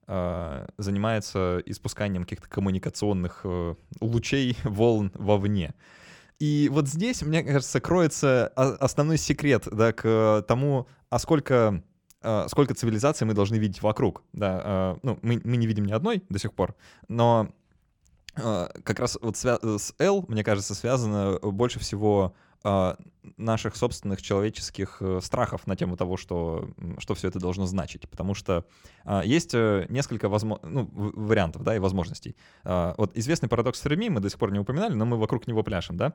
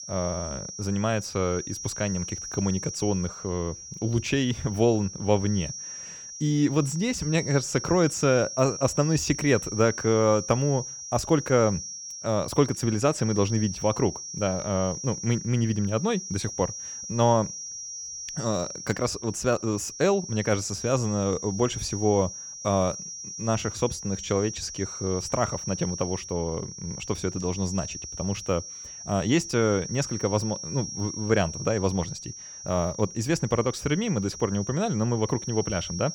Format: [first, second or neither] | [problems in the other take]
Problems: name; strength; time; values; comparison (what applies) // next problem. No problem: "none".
first | high-pitched whine; loud; throughout; 5.5 kHz, 9 dB below the speech